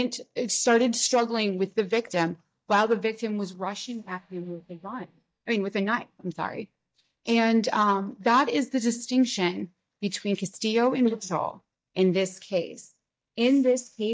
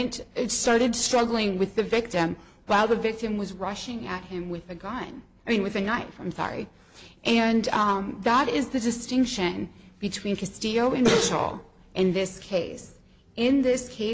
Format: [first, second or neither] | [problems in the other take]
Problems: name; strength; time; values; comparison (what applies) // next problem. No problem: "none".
second | noise reduction (neural mask model DeepFilterNet 3)